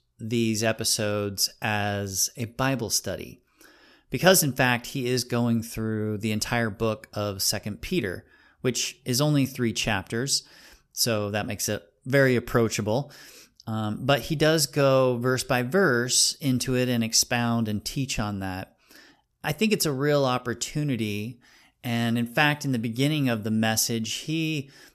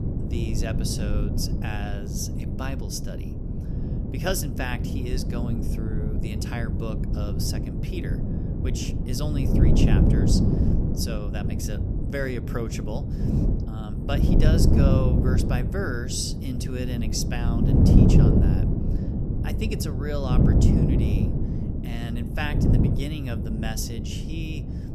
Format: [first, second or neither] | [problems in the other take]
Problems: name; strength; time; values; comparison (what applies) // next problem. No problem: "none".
first | wind noise on the microphone; heavy; as loud as the speech